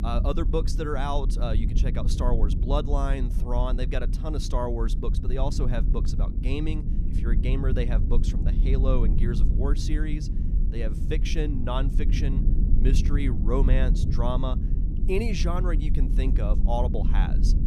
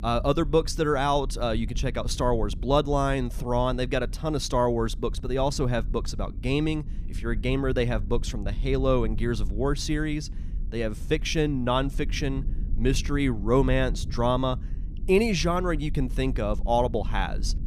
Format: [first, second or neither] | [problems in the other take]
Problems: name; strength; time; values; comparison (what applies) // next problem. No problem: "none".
second | low rumble; loud; throughout; 8 dB below the speech; faint in the second